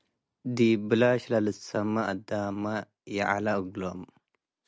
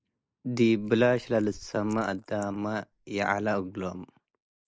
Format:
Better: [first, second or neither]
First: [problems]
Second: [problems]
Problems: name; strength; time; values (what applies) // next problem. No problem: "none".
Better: first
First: none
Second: noise reduction (neural mask model Resemble Enhance denoiser)